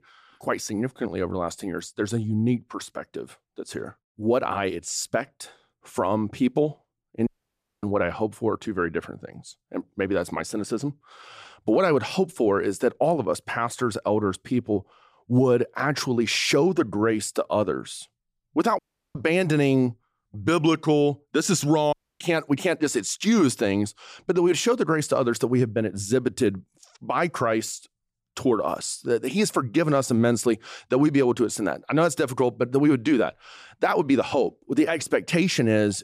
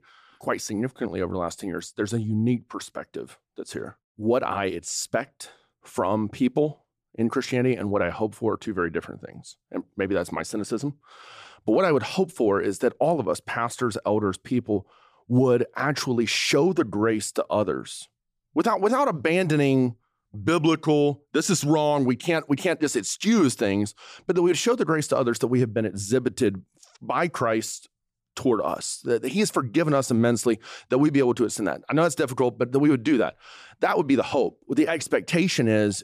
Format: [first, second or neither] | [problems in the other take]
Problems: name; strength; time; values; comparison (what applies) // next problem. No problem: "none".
second | audio cutting out; at 7.5 s for 0.5 s, at 19 s and at 22 s